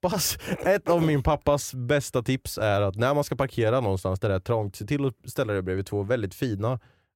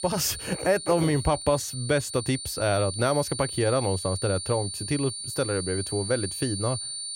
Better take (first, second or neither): first